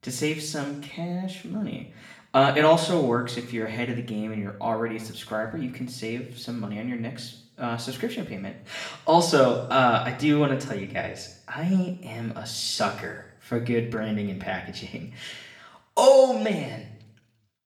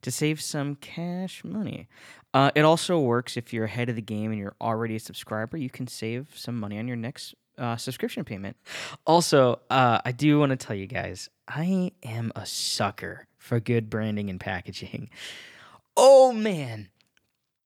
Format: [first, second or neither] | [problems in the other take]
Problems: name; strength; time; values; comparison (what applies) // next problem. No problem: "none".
second | room echo; slight; dies away in 0.7 s // off-mic speech; somewhat distant